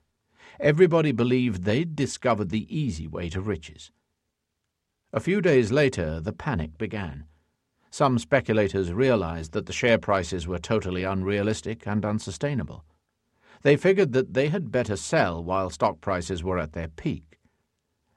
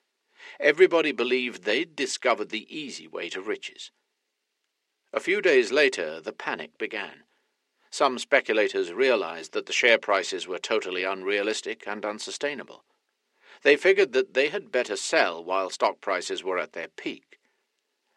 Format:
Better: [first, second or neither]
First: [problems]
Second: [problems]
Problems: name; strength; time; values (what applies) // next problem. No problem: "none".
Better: first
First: none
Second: thin; somewhat; fading below 350 Hz